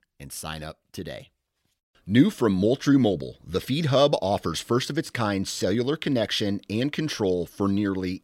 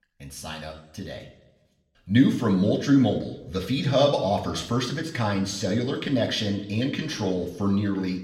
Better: first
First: none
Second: room echo; slight; dies away in 0.7 s // off-mic speech; somewhat distant

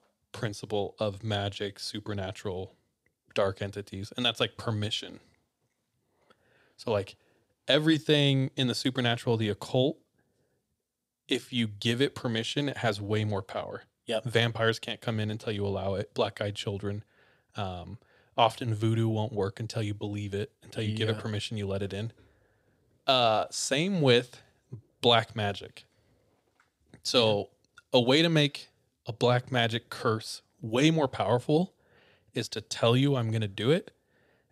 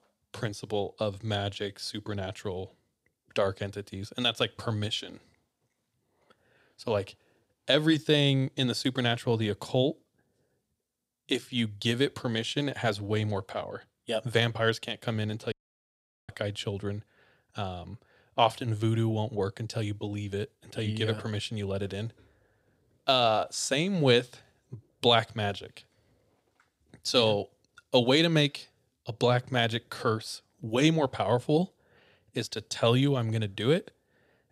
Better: first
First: none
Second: audio cutting out; at 16 s for 1 s

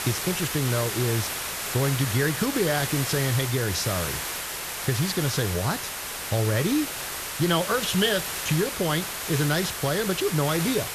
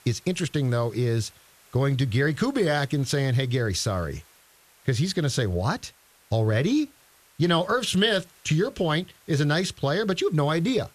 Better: second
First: hiss; loud; throughout; 3 dB below the speech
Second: hiss; faint; throughout; 30 dB below the speech

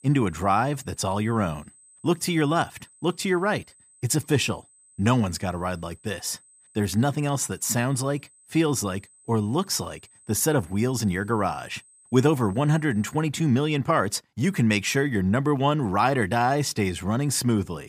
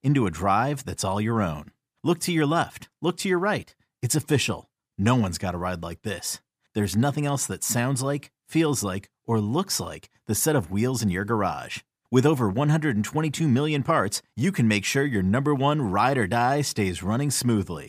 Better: second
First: high-pitched whine; faint; until 13 s; 8 kHz, 30 dB below the speech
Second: none

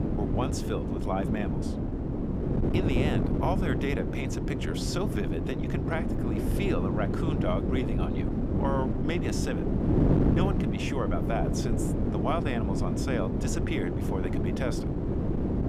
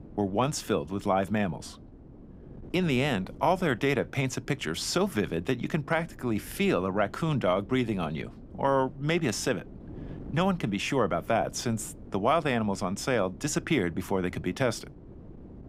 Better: second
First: wind noise on the microphone; heavy; as loud as the speech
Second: wind noise on the microphone; occasional gusts; 25 dB below the speech

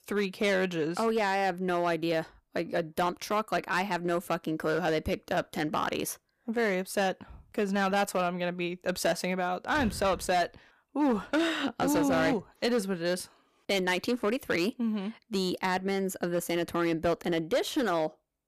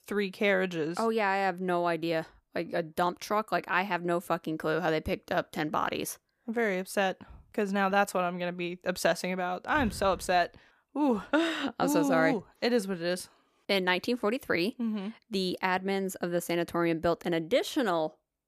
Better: second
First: distortion; slight; 7% of the sound clipped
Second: none

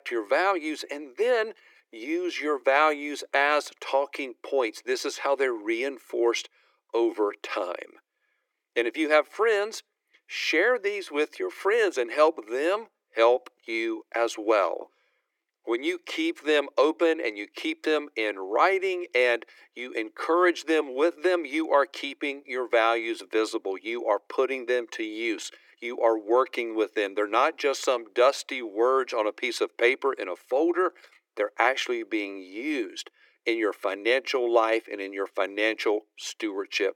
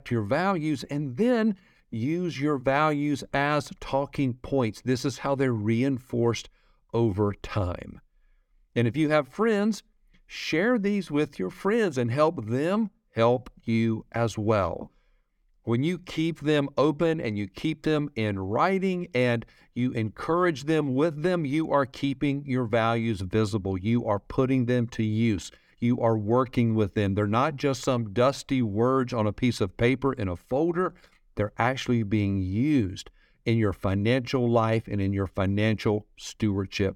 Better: second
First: thin; very; fading below 350 Hz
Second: none

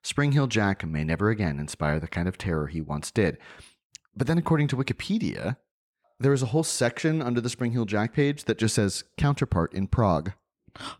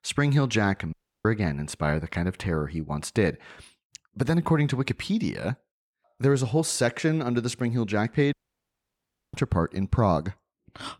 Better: first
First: none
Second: audio cutting out; at 1 s and at 8.5 s for 1 s

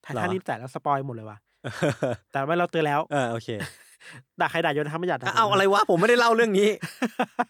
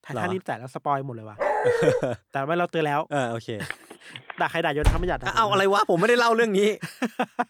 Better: first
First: none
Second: dog barking; loud; at 1.5 s; peak 2 dB above the speech // phone ringing; faint; at 3.5 s; peak 15 dB below the speech // door banging; noticeable; at 5 s; peak 2 dB below the speech

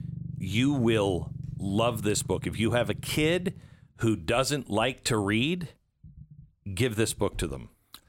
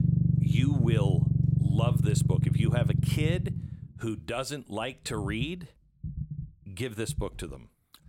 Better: first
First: low rumble; faint; throughout; 20 dB below the speech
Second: low rumble; loud; throughout; 1 dB below the speech

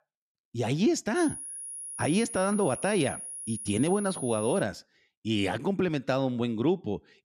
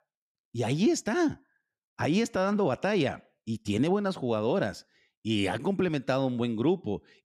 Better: second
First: high-pitched whine; loud; from 1 to 4.5 s; 10.5 kHz, 8 dB below the speech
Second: none

